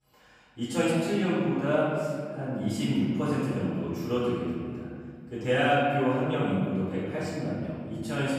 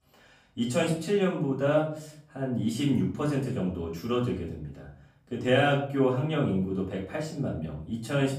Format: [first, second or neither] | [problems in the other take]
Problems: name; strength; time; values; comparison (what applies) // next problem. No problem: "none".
second | room echo; strong; dies away in 2.1 s; slight in the second // off-mic speech; far; far in the second